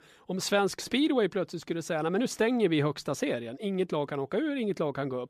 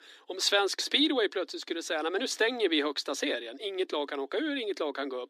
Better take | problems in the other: first | thin; very slightly; fading below 250 Hz

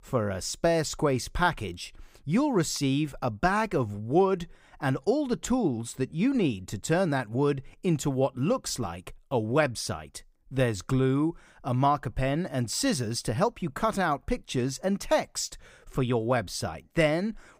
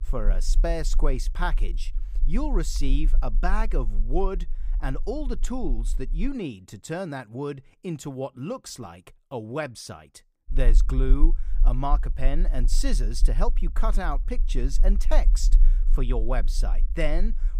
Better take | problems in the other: first | low rumble; faint; until 6.5 s and from 11 s on; 20 dB below the speech

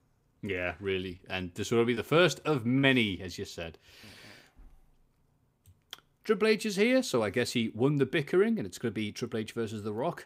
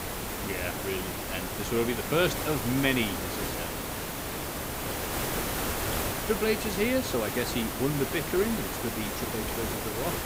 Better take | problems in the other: first | hiss; loud; throughout; 1 dB below the speech

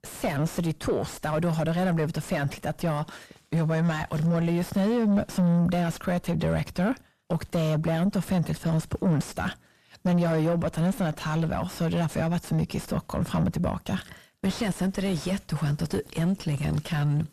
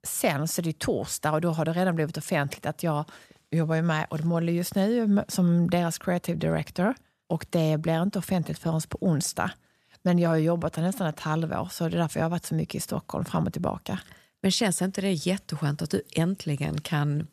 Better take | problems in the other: second | distortion; heavy; 5 dB below the speech

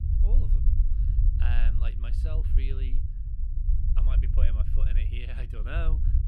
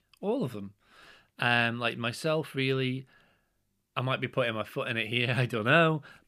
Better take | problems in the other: second | low rumble; loud; throughout; 4 dB below the speech

